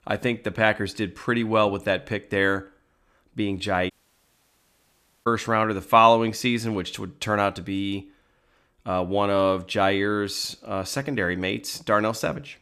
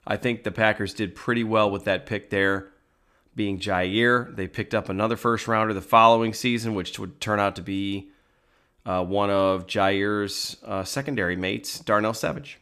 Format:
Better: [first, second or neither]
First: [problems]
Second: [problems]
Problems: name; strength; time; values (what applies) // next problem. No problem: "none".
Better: second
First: audio cutting out; at 4 s for 1.5 s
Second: none